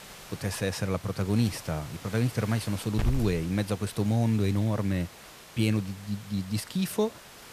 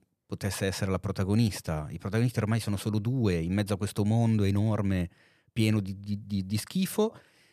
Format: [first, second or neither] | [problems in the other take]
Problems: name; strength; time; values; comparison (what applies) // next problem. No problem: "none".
second | hiss; noticeable; throughout; 15 dB below the speech